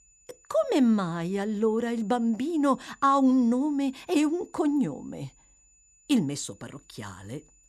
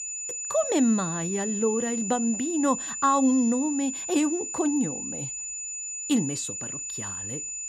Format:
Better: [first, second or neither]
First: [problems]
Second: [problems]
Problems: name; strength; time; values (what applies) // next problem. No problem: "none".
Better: first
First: high-pitched whine; faint; throughout; 7 kHz, 30 dB below the speech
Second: high-pitched whine; loud; throughout; 7 kHz, 5 dB below the speech